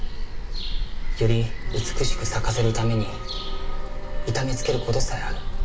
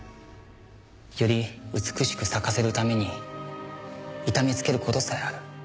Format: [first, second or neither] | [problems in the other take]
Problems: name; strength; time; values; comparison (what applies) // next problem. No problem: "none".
second | background sound (Bird vocalization, bird call, bird song); 3 dB above the speech // room echo; dies away in 0.2 s